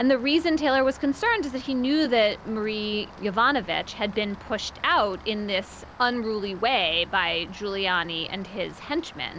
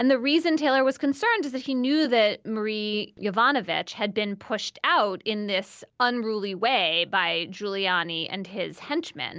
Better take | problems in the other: second | background sound (Rain); 19 dB below the speech

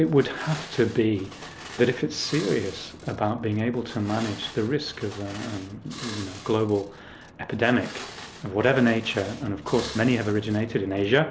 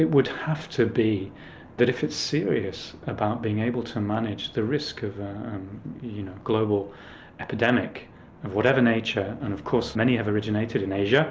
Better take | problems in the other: second | background sound (Glass); 17 dB below the speech

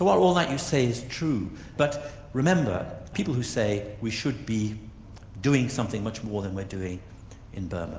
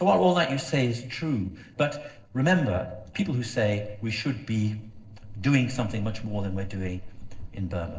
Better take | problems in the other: first | noise reduction (neural separator model SepFormer DNS4)

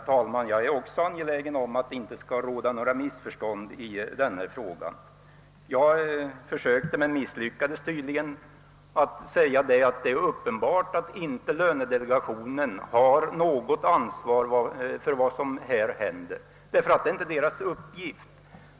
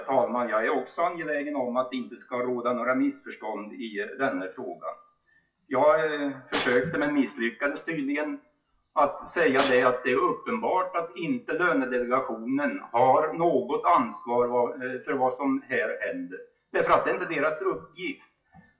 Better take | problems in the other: first | noise reduction (classical method WPE with log-MMSE)

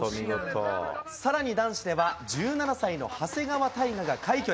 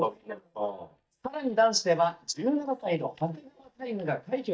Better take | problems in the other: first | noise reduction (neural mask model DeepFilterNet 3)

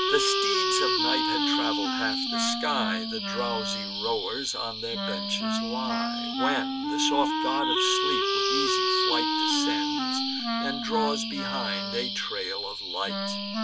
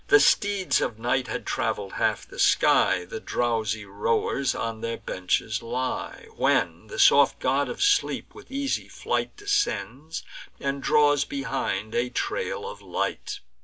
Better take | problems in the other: second | background sound (Wind instrument, woodwind instrument + Bird vocalization, bird call, bird song); 5 dB above the speech

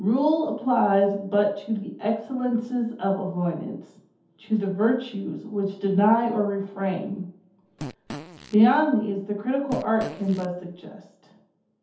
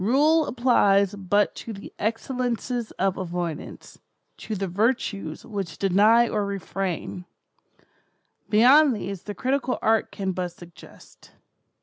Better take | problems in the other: second | background sound (Fart); 14 dB below the speech // room echo; dies away in 0.6 s

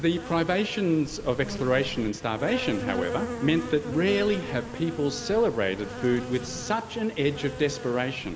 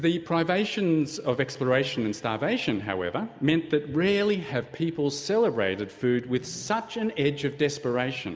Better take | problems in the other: second | background sound (Insect); 10 dB below the speech

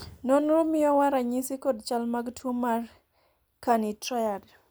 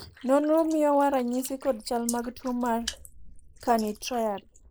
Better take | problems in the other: first | noise reduction (neural mask model Resemble Enhance denoiser)

